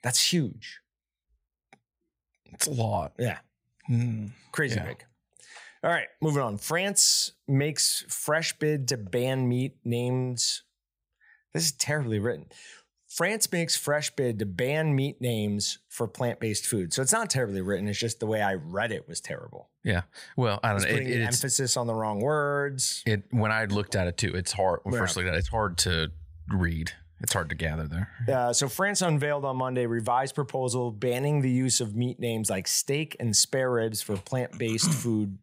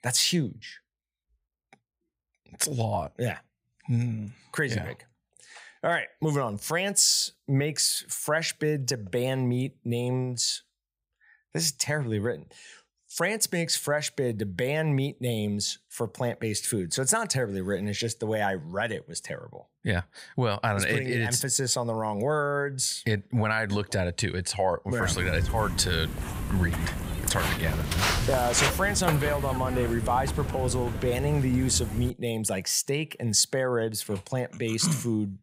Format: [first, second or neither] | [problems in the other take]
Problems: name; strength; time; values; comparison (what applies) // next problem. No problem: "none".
first | footsteps; loud; from 25 to 32 s; peak 2 dB above the speech